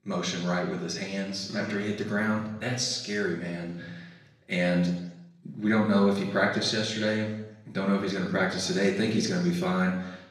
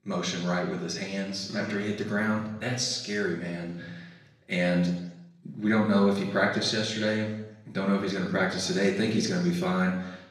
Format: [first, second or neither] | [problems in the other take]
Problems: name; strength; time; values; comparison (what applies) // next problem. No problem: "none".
neither | room echo; noticeable; dies away in 0.9 s; the same in both // off-mic speech; far; the same in both